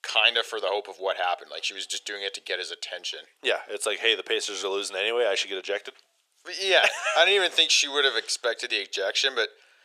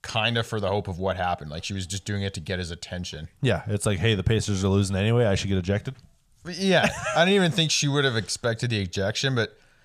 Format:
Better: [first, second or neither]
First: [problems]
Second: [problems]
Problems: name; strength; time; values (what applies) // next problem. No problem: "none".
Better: second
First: thin; very; fading below 350 Hz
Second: none